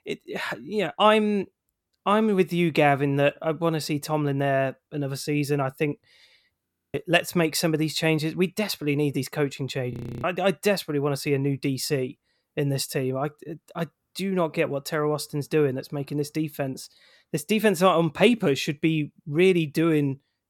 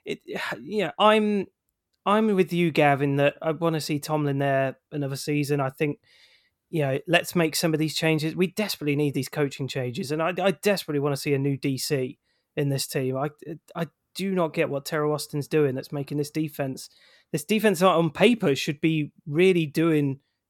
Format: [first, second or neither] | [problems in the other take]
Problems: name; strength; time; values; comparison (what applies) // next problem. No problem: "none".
second | audio freezing; at 6.5 s and at 10 s